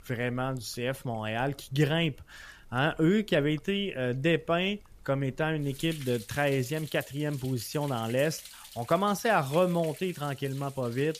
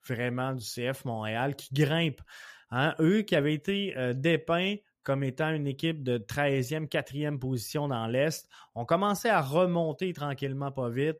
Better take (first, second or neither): second